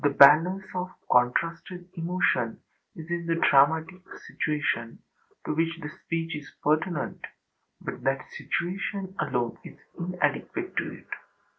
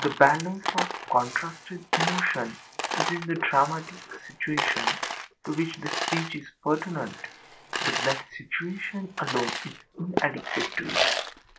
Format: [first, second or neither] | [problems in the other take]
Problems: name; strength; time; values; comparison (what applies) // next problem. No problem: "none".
first | background sound (Coin (dropping)); 3 dB below the speech